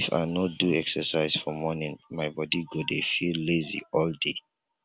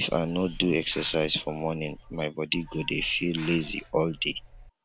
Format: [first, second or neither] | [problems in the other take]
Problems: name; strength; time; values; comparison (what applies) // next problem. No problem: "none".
first | background sound (Hiss); 16 dB below the speech